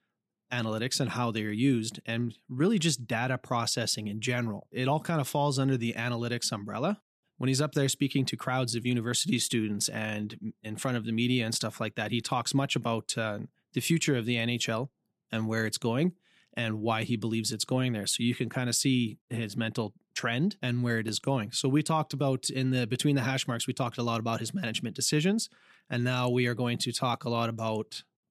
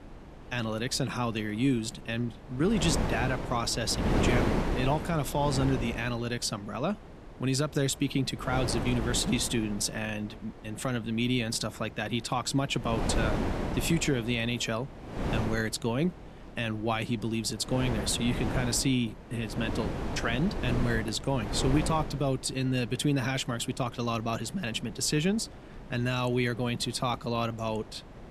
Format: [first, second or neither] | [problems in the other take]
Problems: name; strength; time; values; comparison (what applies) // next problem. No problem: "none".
first | wind noise on the microphone; heavy; 5 dB below the speech